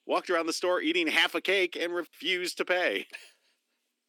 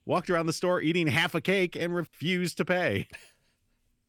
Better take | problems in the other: second | thin; somewhat; fading below 250 Hz

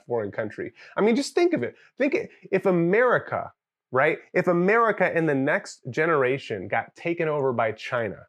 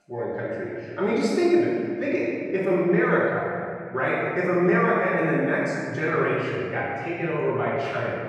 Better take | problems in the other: first | off-mic speech; far // room echo; strong; dies away in 2.2 s

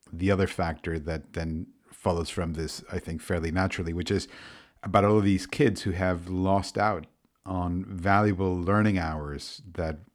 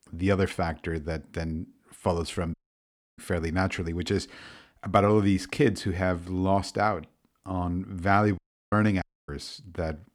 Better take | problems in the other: first | audio cutting out; at 2.5 s for 0.5 s, at 8.5 s and at 9 s

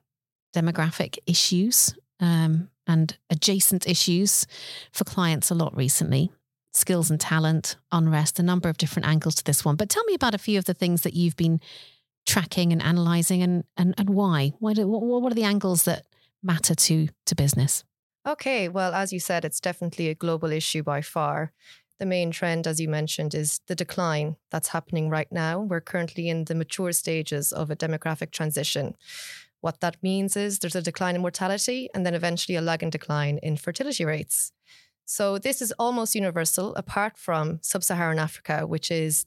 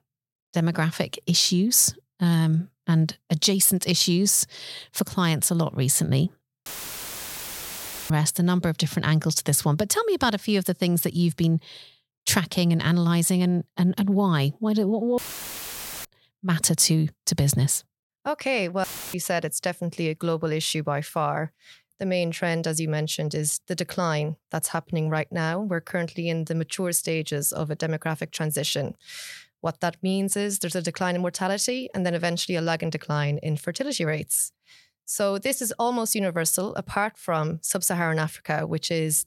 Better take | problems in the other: first | audio cutting out; filled with static; at 6.5 s for 1.5 s, at 15 s for 1 s and at 19 s

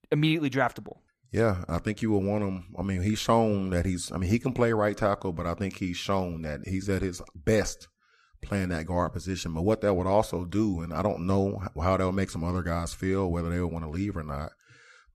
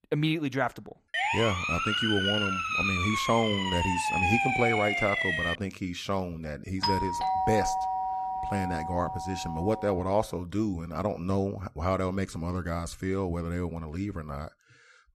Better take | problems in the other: first | siren; loud; from 1 to 5.5 s; peak 6 dB above the speech // doorbell; loud; from 7 to 10 s; peak 3 dB above the speech

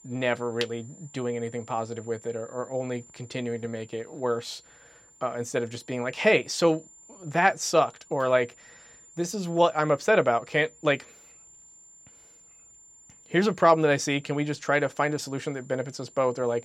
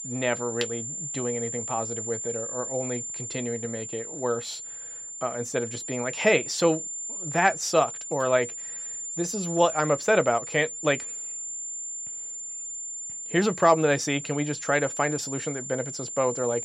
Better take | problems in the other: first | high-pitched whine; loud; throughout; 7 kHz, 6 dB below the speech; faint in the first

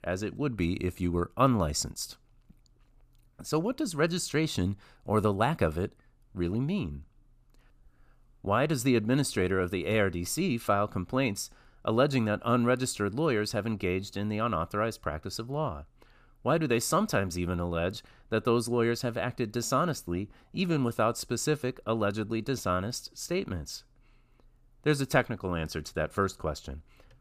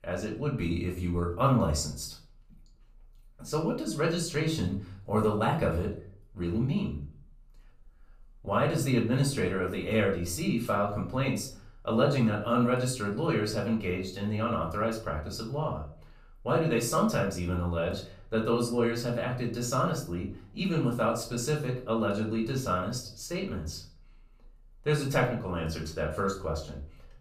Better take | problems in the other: first | room echo; slight; dies away in 0.4 s // off-mic speech; far

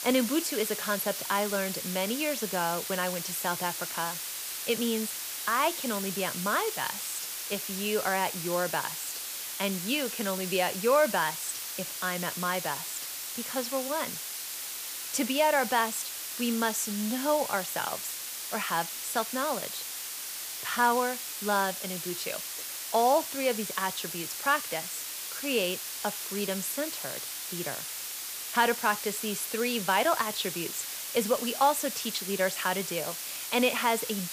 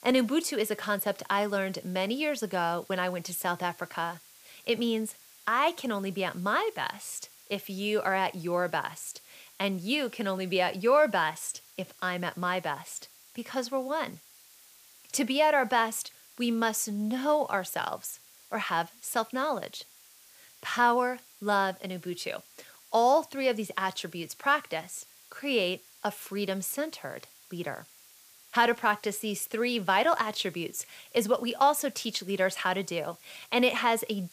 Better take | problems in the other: second | hiss; loud; throughout; 4 dB below the speech; faint in the second

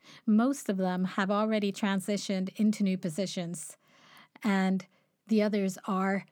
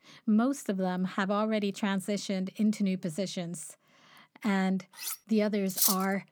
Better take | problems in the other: first | clattering dishes; noticeable; at 5 s; peak 7 dB below the speech // clattering dishes; loud; at 5.5 s; peak 5 dB above the speech

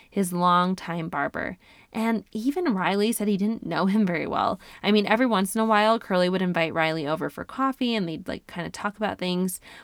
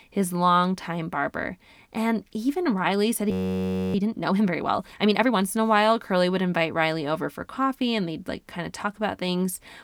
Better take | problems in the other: first | audio freezing; at 3.5 s for 0.5 s

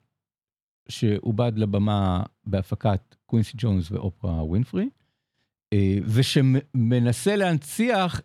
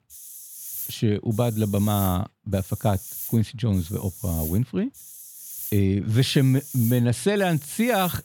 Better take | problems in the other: first | hiss; noticeable; throughout; 10 dB below the speech

